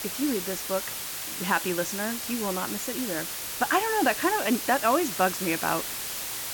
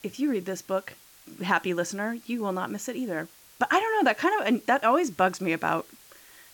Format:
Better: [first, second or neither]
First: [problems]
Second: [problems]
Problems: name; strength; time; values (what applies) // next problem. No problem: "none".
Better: second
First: hiss; loud; throughout; 4 dB below the speech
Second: hiss; faint; throughout; 25 dB below the speech